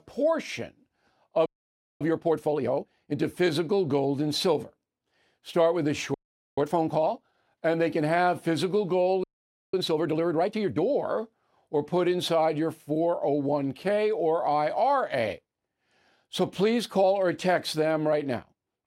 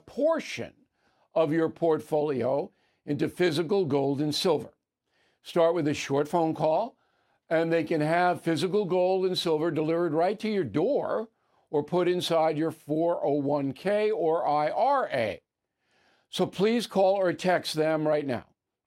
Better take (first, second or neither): second